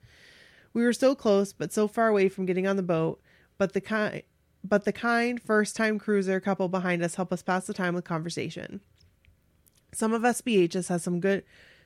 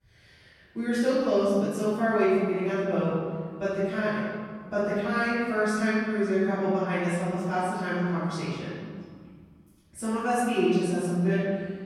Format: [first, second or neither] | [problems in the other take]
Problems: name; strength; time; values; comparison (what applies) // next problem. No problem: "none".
first | room echo; strong; dies away in 1.8 s // off-mic speech; far